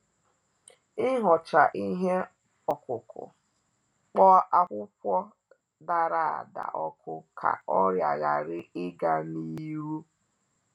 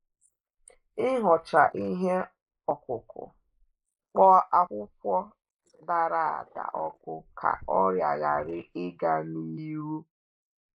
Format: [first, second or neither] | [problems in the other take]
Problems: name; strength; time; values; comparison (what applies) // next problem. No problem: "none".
first | noise reduction (neural mask model Resemble Enhance denoiser)